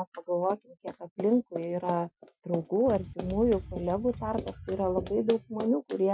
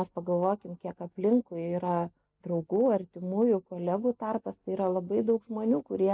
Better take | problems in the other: second | noise reduction (classical method Wiener filter)

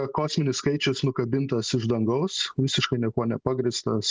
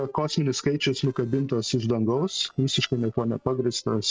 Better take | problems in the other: first | noise reduction (neural separator model SepFormer DNS4)

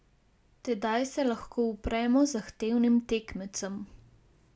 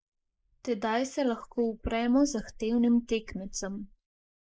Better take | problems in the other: first | noise reduction (neural mask model Resemble Enhance denoiser)

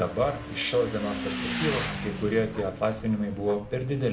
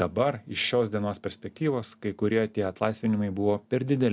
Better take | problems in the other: second | background sound (Motorcycle / Engine); 7 dB below the speech // room echo; dies away in 1 s

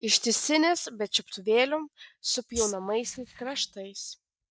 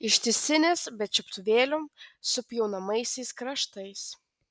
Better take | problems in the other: second | noise reduction (neural mask model DeepFilterNet 3)

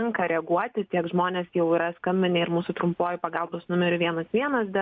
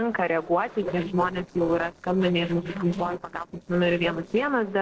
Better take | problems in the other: first | noise reduction (neural separator model SepFormer DNS4)

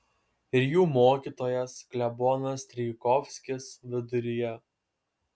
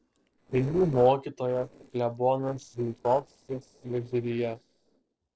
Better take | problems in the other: first | noise reduction (neural separator model SepFormer DNS4)

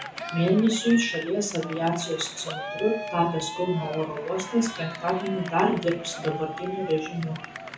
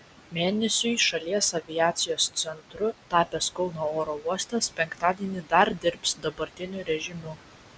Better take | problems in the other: second | background sound (Cheering); 10 dB below the speech // room echo; dies away in 0.6 s

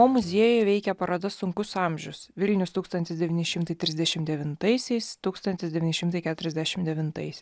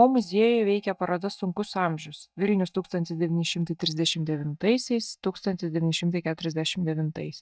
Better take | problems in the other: first | noise reduction (neural mask model DeepFilterNet 3)

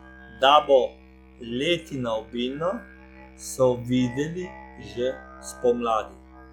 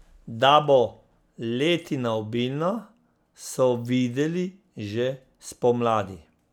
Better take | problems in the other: second | noise reduction (classical method log-MMSE)

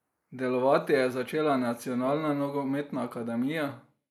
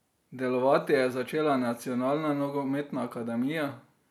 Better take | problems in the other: second | noise reduction (neural mask model Resemble Enhance denoiser)

